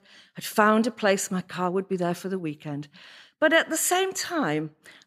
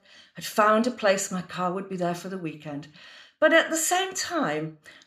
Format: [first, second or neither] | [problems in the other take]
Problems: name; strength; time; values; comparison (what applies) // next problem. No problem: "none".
first | room echo; very slight; dies away in 0.4 s